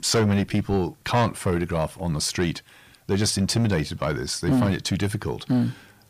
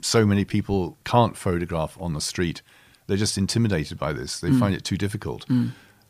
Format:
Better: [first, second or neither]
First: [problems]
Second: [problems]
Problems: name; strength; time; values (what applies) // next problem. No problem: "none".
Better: second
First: distortion; slight; 10 dB below the speech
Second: none